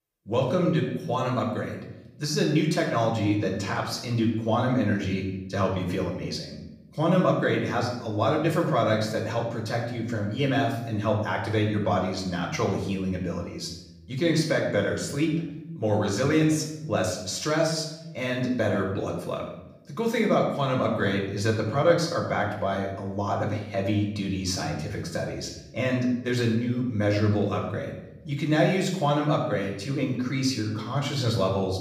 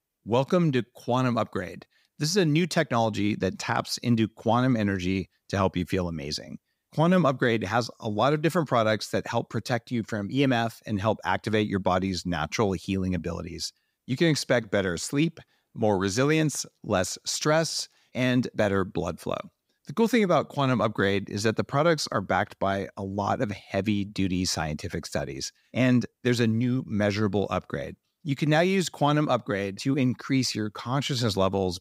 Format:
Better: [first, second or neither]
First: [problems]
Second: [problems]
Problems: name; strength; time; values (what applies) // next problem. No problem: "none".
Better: second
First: room echo; noticeable; dies away in 0.8 s // off-mic speech; far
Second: none